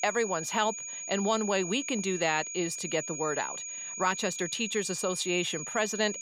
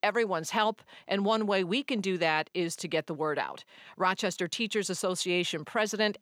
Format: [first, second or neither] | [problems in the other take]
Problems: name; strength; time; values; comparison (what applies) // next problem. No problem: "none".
second | high-pitched whine; loud; throughout; 6.5 kHz, 6 dB below the speech